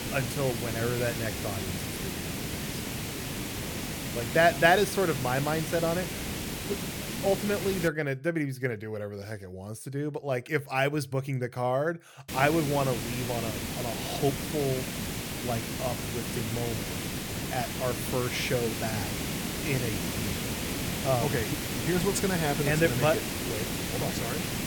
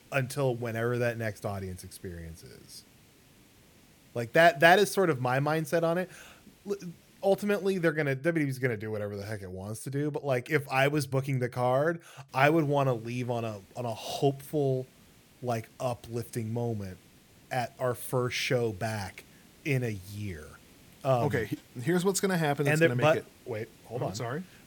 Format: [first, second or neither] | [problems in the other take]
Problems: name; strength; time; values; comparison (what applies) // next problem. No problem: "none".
second | hiss; loud; until 8 s and from 12 s on; 3 dB below the speech; faint in the second